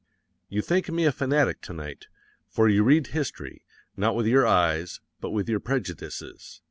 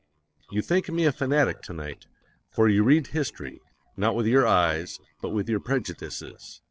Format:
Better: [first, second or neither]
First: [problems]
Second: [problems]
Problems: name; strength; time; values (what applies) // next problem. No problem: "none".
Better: first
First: none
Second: noise reduction (neural separator model SepFormer DNS4)